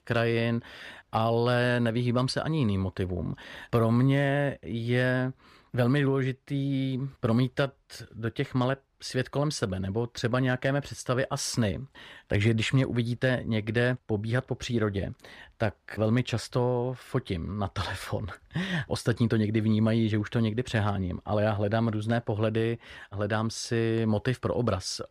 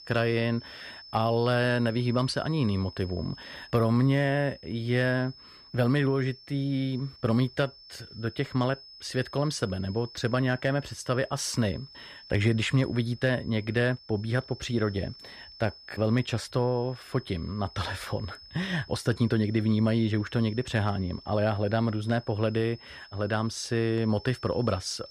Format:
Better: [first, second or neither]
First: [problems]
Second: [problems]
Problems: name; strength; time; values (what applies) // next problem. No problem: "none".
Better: first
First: none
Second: high-pitched whine; noticeable; throughout; 5 kHz, 20 dB below the speech